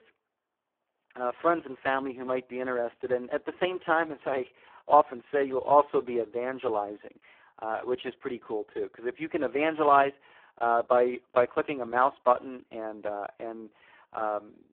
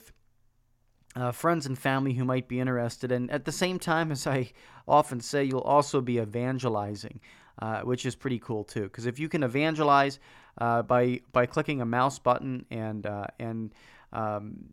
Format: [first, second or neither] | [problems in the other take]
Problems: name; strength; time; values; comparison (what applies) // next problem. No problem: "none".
second | phone-call audio; poor line